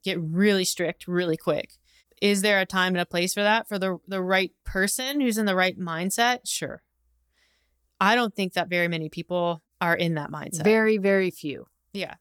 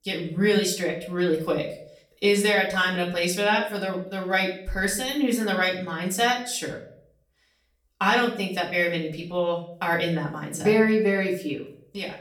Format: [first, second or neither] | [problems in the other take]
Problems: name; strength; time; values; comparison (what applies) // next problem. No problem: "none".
first | off-mic speech; far // room echo; slight; dies away in 0.4 s